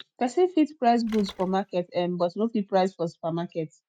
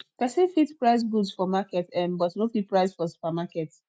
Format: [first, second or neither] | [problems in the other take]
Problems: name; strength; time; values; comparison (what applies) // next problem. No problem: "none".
second | noise reduction (neural mask model RNNoise)